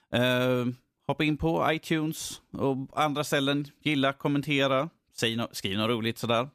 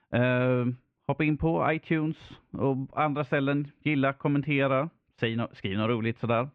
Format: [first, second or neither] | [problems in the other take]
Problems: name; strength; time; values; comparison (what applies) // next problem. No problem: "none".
first | muffled; very; fading above 2.5 kHz